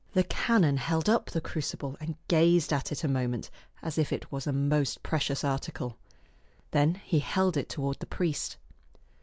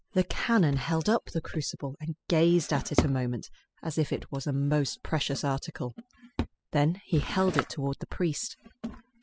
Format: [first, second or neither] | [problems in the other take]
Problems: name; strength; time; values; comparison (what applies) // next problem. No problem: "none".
first | noise reduction (classical method spectral subtraction)